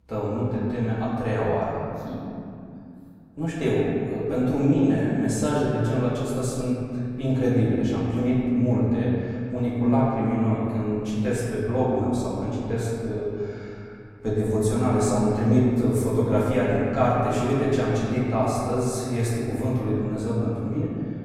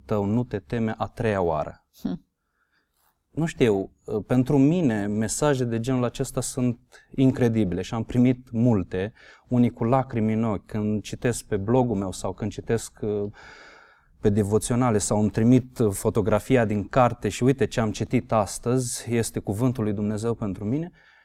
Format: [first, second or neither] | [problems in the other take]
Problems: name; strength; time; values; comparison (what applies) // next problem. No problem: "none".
second | room echo; strong; dies away in 2.4 s // off-mic speech; far